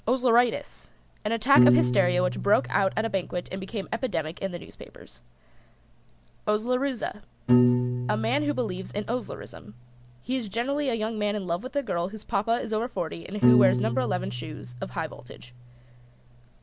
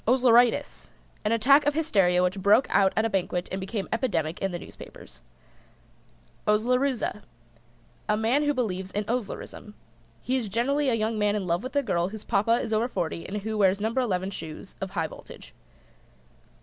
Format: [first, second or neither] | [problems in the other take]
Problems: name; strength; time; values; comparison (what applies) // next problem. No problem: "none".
second | background sound (Piano); 2 dB below the speech